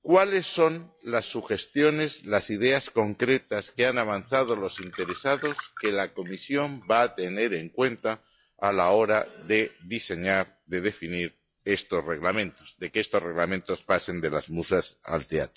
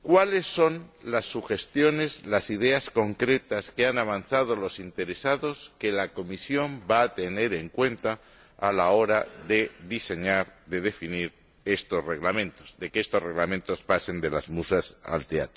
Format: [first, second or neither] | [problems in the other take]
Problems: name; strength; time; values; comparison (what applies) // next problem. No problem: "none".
second | noise reduction (classical method log-MMSE)